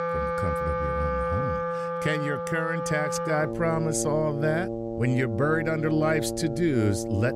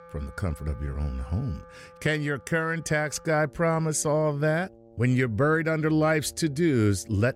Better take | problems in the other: second | background music; loud; throughout; 2 dB below the speech; faint in the second

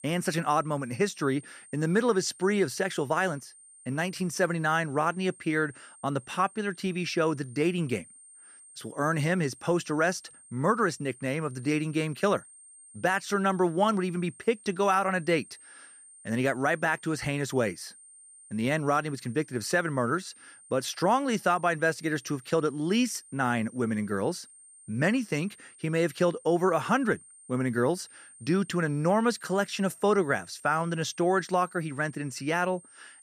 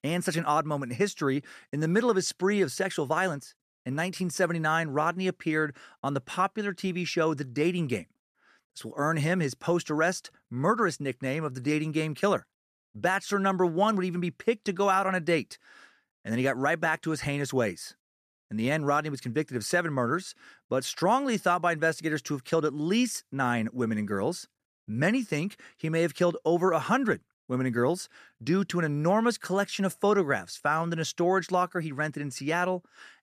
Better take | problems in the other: second | high-pitched whine; faint; throughout; 8.5 kHz, 20 dB below the speech

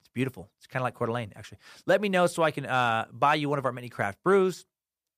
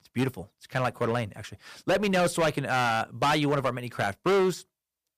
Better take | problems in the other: first | distortion; heavy; 11% of the sound clipped

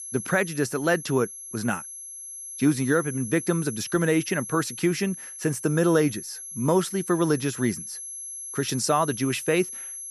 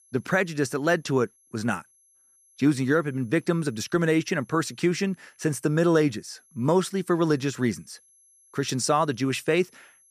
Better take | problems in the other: second | high-pitched whine; loud; throughout; 11 kHz, 10 dB below the speech; faint in the second

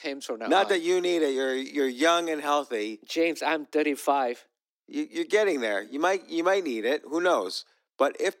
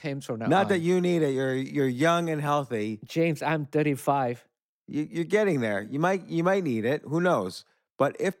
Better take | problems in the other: second | thin; somewhat; fading below 250 Hz

